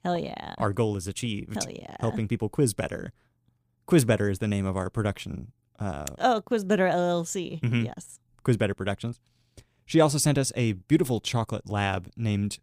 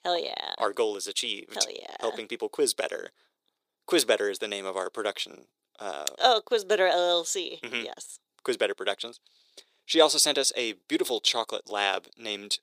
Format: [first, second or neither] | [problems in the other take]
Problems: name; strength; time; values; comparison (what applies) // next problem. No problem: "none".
first | thin; very; fading below 400 Hz